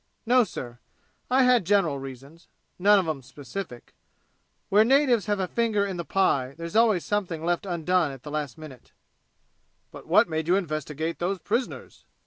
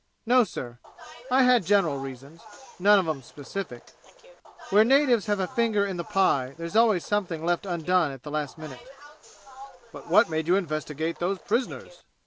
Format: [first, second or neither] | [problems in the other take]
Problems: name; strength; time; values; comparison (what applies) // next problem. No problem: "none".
first | background sound (Bus); 20 dB below the speech